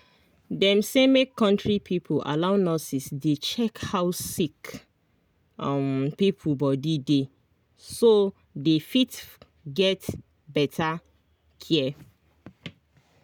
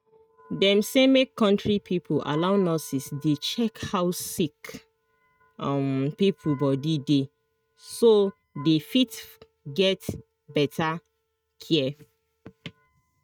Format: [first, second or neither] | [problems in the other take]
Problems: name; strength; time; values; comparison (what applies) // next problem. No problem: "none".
first | noise reduction (neural mask model RNNoise)